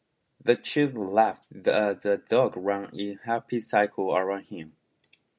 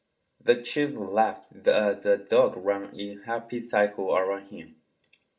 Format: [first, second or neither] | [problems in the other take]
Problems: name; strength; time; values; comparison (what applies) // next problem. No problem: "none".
first | room echo; dies away in 0.4 s